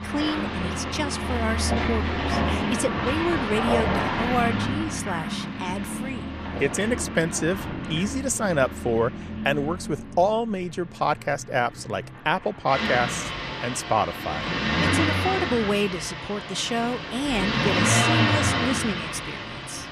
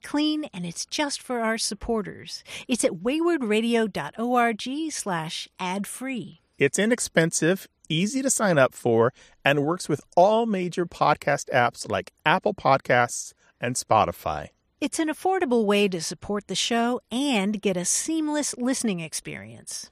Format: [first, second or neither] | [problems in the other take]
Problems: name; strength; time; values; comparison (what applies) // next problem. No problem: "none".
second | traffic noise; very loud; throughout; as loud as the speech